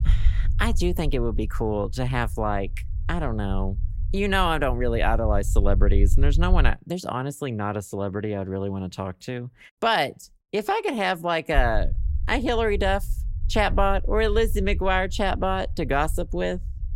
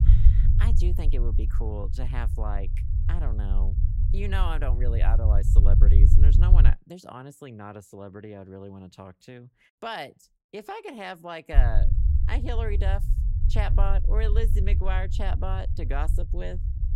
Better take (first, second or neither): first